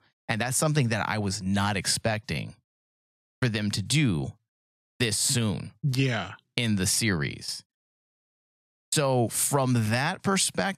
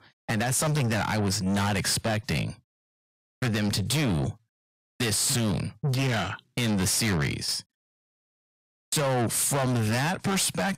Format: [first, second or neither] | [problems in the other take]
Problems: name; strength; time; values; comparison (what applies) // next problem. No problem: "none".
first | distortion; heavy; 6 dB below the speech